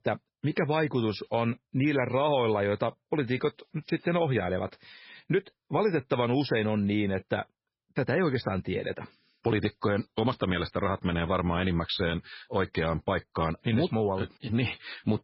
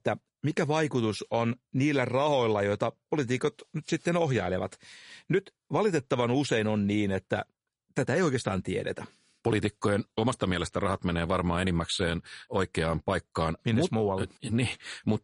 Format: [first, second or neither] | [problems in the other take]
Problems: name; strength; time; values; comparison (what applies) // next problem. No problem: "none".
second | garbled, watery; badly; nothing above 5.5 kHz; slightly in the second